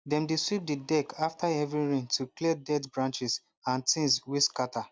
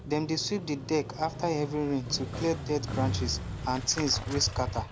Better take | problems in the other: first | background sound (Motorcycle); 5 dB below the speech

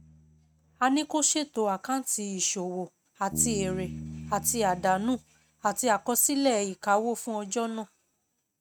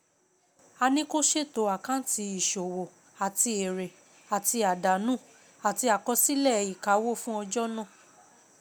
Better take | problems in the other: second | noise reduction (neural mask model RNNoise)

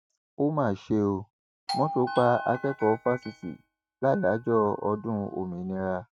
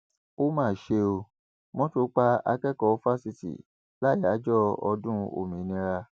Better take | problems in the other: second | noise reduction (neural mask model RNNoise)

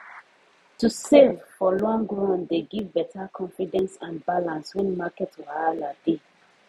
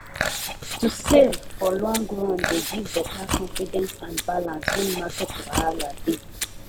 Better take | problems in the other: first | background sound (Chewing, mastication); 5 dB below the speech

